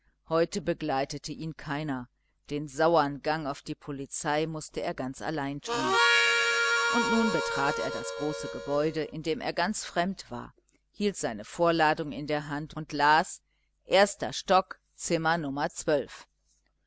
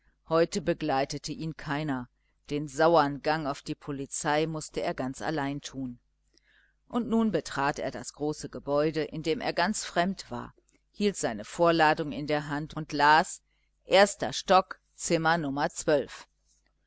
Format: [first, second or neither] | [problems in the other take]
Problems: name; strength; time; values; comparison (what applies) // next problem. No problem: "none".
second | background sound (Harmonica); 2 dB above the speech